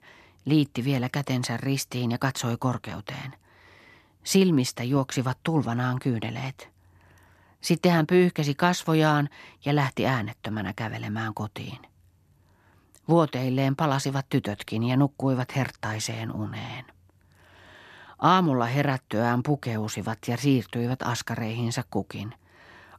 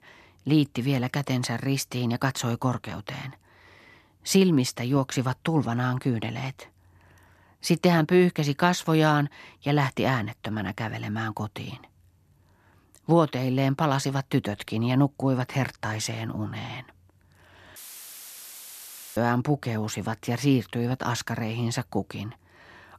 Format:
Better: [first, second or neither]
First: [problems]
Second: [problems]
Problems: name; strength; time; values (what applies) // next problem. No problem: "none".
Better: first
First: none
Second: audio cutting out; filled with static; at 18 s for 1.5 s